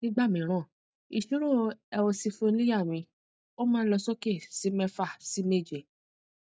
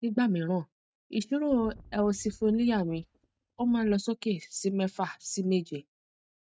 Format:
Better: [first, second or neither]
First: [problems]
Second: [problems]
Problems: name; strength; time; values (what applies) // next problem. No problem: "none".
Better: first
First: none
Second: noise reduction (neural mask model RNNoise)